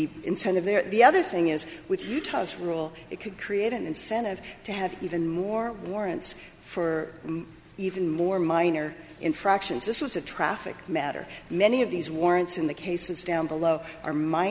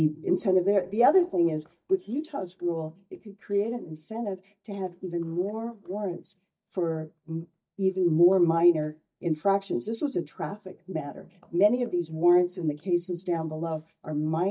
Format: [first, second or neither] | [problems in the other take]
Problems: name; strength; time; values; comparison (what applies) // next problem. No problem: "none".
first | noise reduction (neural mask model DeepFilterNet 3)